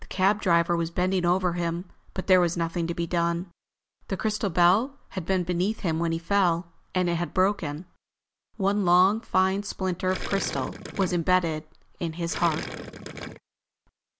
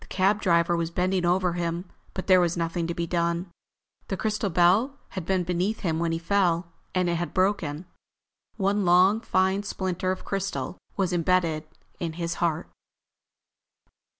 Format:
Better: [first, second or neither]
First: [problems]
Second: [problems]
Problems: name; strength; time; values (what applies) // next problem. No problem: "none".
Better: second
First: background sound (Gurgling); 9 dB below the speech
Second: none